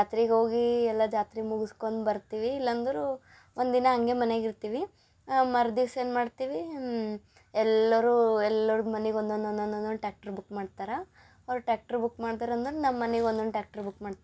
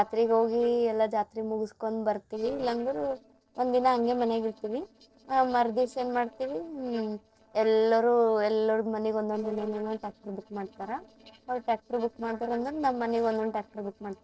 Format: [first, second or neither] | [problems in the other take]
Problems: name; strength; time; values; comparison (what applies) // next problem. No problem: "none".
first | noise reduction (neural separator model SepFormer DNS4)